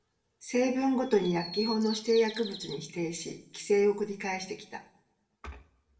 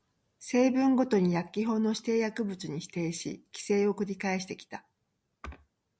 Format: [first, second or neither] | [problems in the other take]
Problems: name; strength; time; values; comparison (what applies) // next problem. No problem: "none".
second | background sound (Bird vocalization, bird call, bird song); 12 dB below the speech // room echo; dies away in 0.5 s